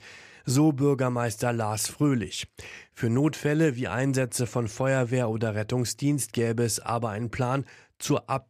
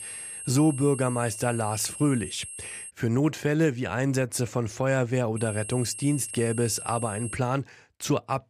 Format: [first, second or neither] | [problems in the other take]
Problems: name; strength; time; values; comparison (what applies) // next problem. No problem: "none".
first | high-pitched whine; loud; until 3 s and from 5.5 to 7.5 s; 8.5 kHz, 9 dB below the speech